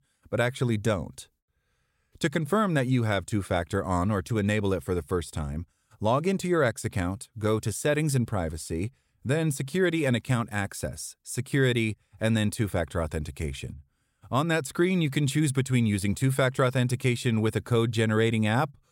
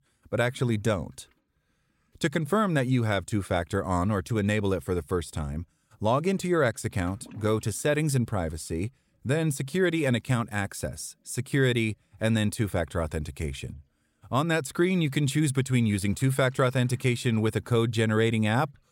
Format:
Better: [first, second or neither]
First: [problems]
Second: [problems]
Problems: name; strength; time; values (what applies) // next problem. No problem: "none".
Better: first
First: none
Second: household noises; faint; throughout; 30 dB below the speech